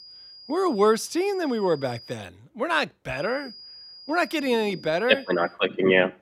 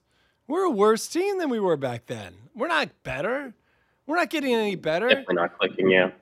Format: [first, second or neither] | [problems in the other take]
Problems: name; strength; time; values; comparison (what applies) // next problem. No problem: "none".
second | high-pitched whine; noticeable; until 2 s and from 3 to 5.5 s; 5 kHz, 20 dB below the speech